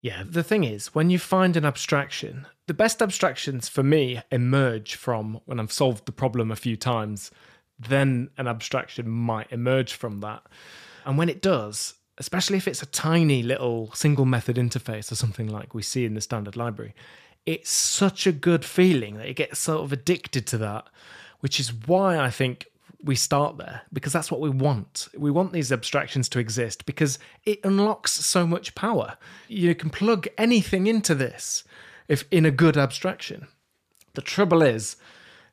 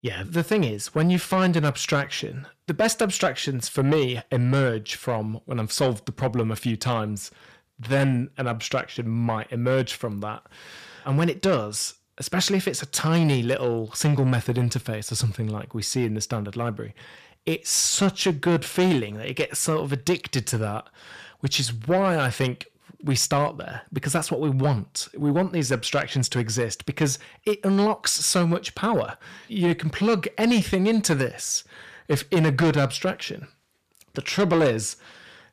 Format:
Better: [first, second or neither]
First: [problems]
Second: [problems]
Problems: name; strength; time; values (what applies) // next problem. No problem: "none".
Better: first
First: none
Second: distortion; slight; 10 dB below the speech